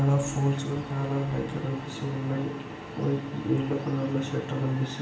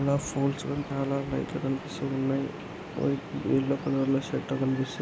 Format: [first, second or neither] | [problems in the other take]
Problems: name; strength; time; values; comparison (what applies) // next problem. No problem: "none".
second | room echo; dies away in 0.8 s